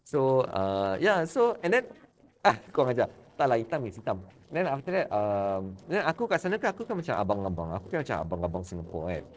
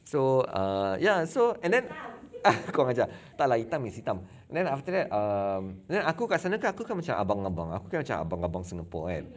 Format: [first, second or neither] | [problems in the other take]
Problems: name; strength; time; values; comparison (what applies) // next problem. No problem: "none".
second | noise reduction (neural separator model SepFormer DNS4)